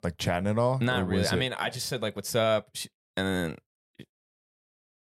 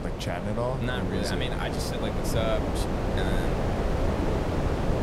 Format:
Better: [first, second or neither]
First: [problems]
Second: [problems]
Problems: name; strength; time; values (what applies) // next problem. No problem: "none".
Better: first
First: none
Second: wind noise on the microphone; heavy; as loud as the speech